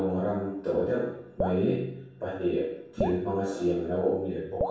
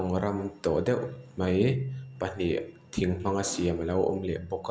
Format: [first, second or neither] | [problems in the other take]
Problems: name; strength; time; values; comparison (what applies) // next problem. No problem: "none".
second | background sound (Drip); 10 dB below the speech // room echo; dies away in 0.7 s